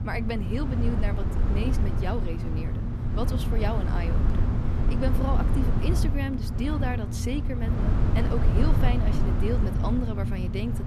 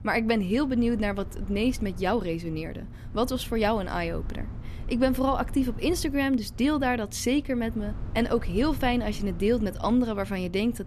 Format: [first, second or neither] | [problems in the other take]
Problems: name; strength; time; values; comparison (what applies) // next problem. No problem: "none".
second | low rumble; loud; throughout; 2 dB below the speech; faint in the second